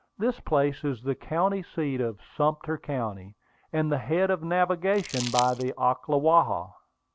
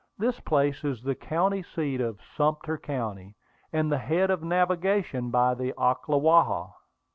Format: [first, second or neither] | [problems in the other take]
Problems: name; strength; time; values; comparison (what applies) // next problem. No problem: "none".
second | background sound (Crumpling, crinkling); 9 dB below the speech